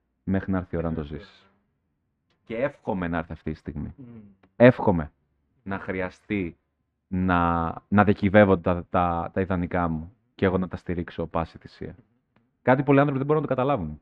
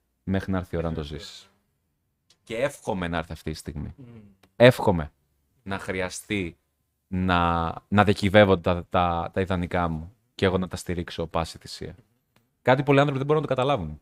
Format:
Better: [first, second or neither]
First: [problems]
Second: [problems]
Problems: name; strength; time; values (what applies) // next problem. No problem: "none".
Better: second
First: muffled; very; fading above 2 kHz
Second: none